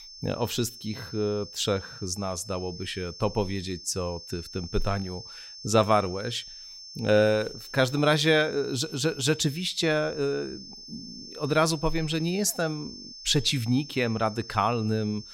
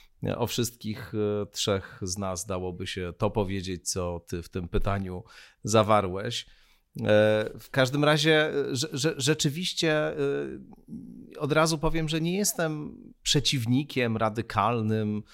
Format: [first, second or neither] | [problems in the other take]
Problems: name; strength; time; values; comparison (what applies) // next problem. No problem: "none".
second | high-pitched whine; noticeable; throughout; 5.5 kHz, 15 dB below the speech